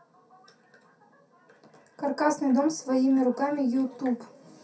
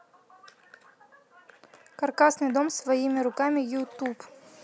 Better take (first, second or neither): second